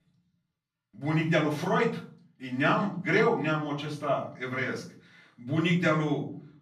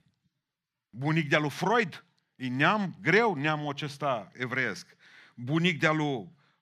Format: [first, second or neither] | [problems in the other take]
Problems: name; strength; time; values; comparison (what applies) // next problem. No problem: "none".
second | off-mic speech; far // room echo; slight; dies away in 0.4 s